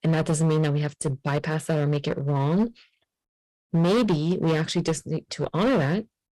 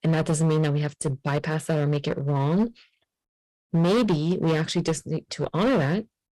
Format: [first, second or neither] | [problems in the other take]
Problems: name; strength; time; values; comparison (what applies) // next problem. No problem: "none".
neither | distortion; slight; 14% of the sound clipped; the same in both